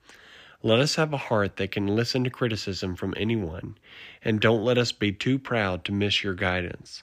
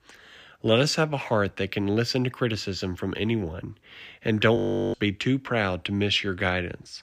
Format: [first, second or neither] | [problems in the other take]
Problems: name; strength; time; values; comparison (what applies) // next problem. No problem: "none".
first | audio freezing; at 4.5 s